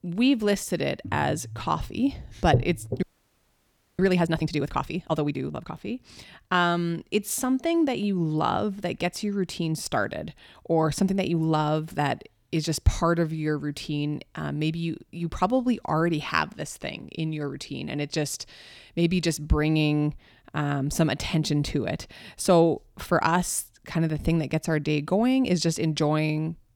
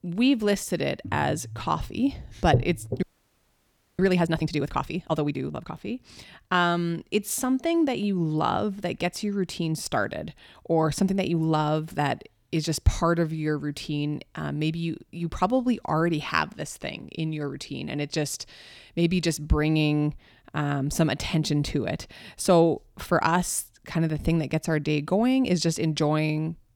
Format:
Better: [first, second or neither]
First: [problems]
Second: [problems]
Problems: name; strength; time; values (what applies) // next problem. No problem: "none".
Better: neither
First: audio freezing; at 3 s for 1 s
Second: audio freezing; at 3 s for 1 s